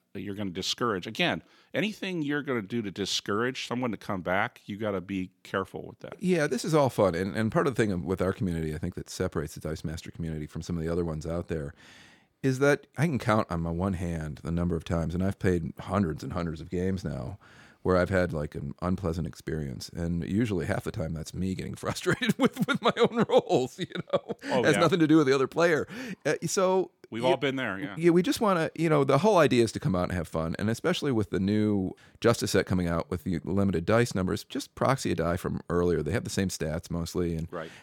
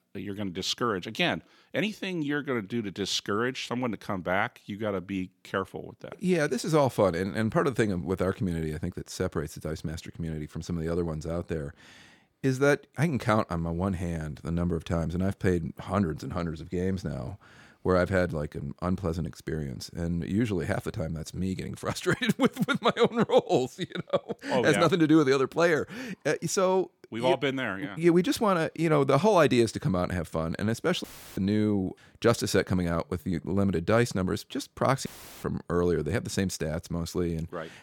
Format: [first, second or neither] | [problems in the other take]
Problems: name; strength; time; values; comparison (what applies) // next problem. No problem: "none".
first | audio cutting out; filled with static; at 31 s and at 35 s